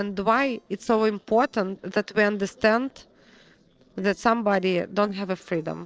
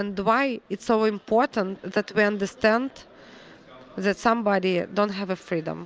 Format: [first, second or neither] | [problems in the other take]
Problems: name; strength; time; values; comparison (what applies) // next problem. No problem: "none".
second | noise reduction (neural separator model SepFormer DNS4)